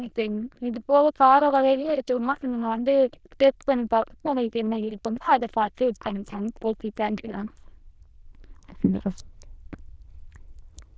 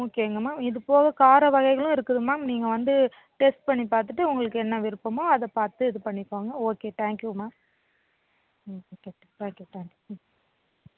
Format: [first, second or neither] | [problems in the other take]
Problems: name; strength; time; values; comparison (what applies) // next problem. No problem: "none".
second | noise reduction (neural diffusion model UNIVERSE++)